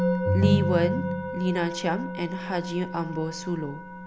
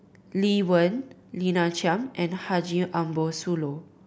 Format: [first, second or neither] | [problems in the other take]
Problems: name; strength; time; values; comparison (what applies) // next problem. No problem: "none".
second | background sound (Musical instrument + Ringtone); 2 dB above the speech